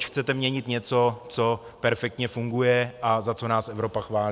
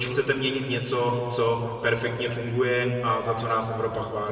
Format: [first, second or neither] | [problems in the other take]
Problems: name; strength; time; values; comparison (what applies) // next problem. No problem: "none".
first | room echo; dies away in 2.4 s